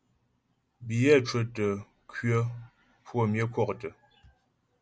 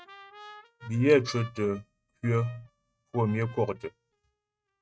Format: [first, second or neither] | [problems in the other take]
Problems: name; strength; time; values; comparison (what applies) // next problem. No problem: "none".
first | noise reduction (neural mask model RNNoise)